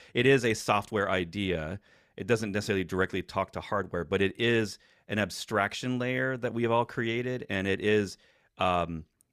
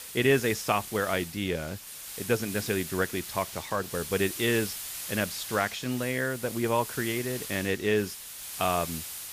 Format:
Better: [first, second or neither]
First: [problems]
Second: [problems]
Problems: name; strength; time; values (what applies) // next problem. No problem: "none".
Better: first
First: none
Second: hiss; loud; throughout; 8 dB below the speech